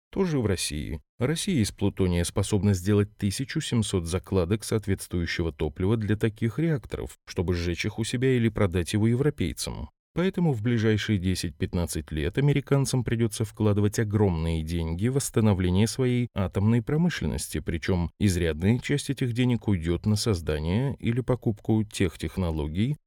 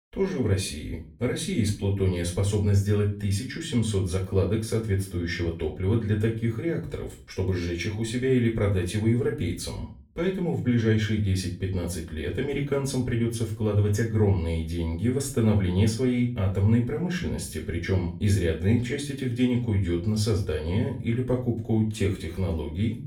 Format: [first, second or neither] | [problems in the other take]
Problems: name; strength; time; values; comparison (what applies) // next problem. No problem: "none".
first | off-mic speech; far // room echo; slight; dies away in 0.3 s